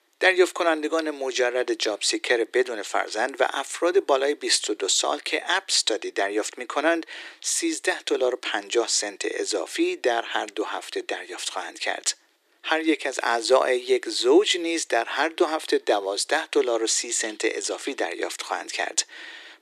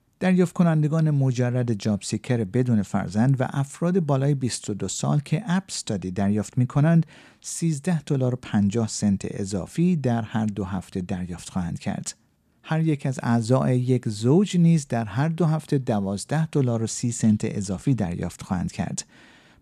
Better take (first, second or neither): second